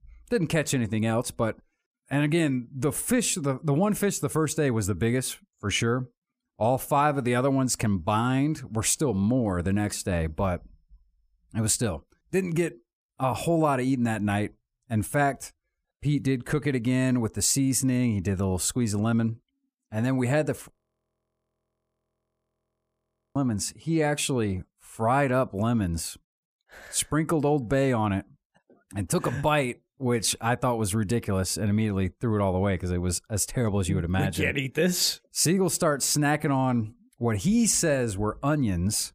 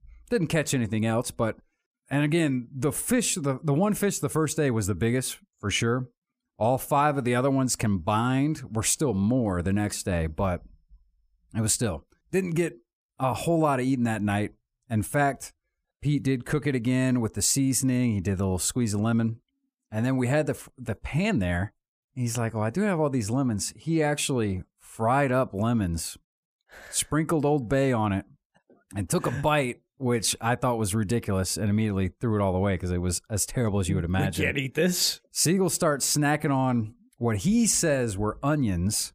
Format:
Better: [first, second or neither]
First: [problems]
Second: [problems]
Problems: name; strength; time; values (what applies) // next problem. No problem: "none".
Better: second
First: audio freezing; at 21 s for 2.5 s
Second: none